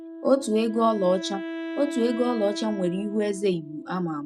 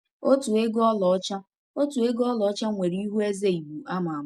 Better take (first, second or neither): second